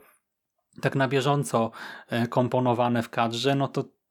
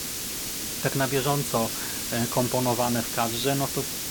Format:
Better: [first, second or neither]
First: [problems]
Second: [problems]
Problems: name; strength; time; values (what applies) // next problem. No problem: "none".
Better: first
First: none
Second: hiss; loud; throughout; 1 dB below the speech